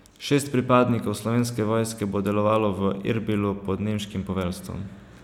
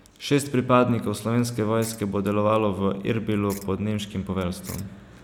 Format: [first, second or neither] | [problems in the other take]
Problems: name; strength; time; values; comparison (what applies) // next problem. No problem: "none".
first | background sound (Ratchet, pawl); 19 dB below the speech